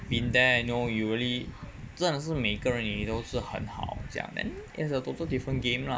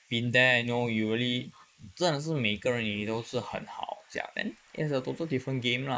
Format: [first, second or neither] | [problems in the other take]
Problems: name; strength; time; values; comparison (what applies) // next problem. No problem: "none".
first | noise reduction (neural mask model Resemble Enhance denoiser)